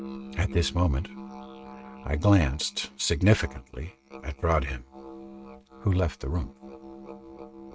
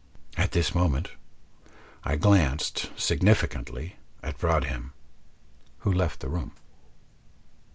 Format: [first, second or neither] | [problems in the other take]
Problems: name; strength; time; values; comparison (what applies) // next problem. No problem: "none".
second | noise reduction (neural mask model RNNoise)